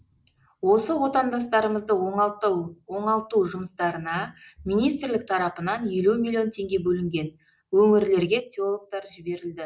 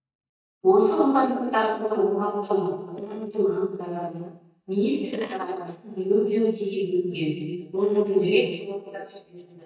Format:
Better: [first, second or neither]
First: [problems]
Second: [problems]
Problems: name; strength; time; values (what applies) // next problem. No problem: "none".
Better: first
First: none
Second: noise reduction (neural mask model DeepFilterNet 3)